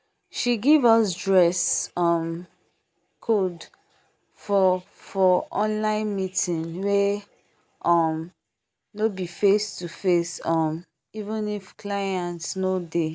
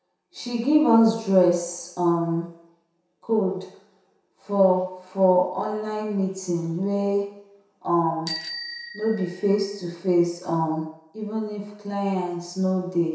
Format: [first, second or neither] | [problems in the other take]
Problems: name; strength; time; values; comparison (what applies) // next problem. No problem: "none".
first | background sound (Bicycle bell); 14 dB below the speech // room echo; dies away in 0.7 s